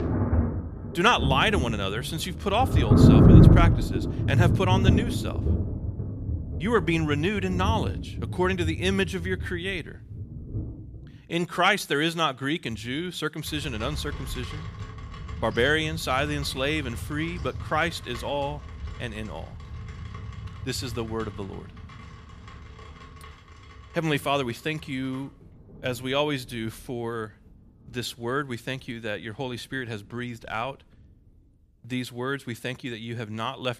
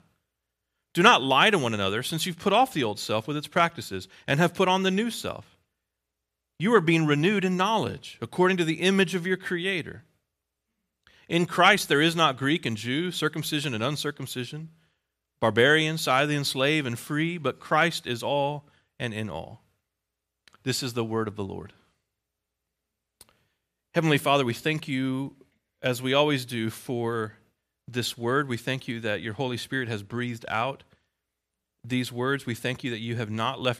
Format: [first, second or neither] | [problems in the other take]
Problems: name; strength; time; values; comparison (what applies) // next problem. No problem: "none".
second | rain or running water; very loud; throughout; 3 dB above the speech